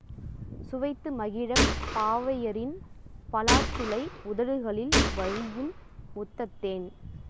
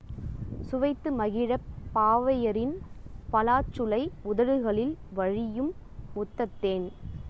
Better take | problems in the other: second | background sound (Gunshot, gunfire); 3 dB above the speech

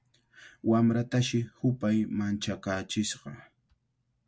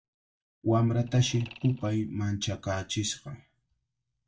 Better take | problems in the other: first | noise reduction (neural mask model DeepFilterNet 3)

